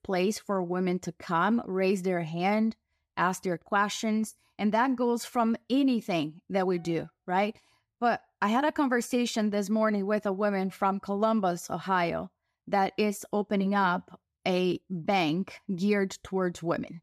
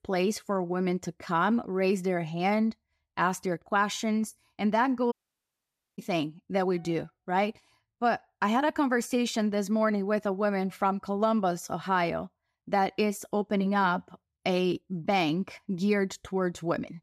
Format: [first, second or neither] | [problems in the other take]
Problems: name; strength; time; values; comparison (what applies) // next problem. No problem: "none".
first | audio cutting out; at 5 s for 1 s